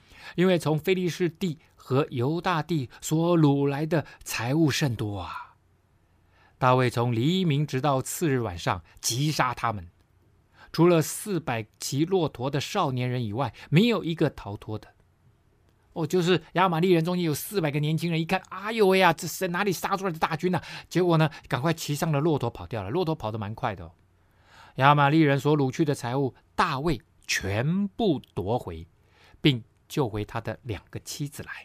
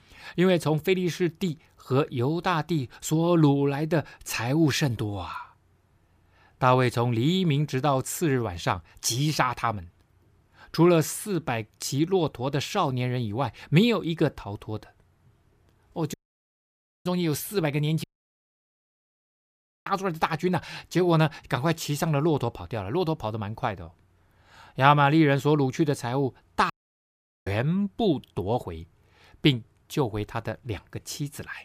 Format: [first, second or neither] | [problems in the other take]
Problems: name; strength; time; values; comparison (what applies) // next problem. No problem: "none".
first | audio cutting out; at 16 s for 1 s, at 18 s for 2 s and at 27 s for 1 s